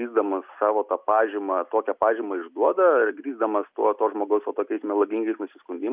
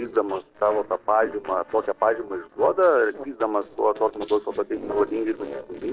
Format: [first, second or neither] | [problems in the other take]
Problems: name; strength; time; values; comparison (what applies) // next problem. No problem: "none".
first | noise reduction (neural separator model SepFormer DNS4)